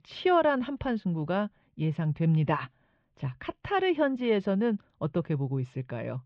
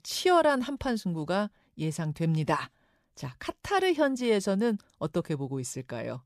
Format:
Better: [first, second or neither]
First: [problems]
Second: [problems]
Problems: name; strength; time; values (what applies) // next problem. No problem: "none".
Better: second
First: muffled; very; fading above 3 kHz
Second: none